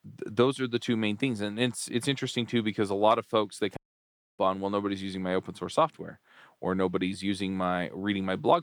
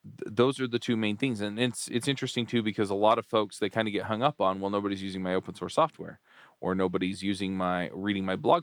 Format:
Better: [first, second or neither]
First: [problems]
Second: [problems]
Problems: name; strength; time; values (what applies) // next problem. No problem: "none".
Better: second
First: audio cutting out; at 4 s for 0.5 s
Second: none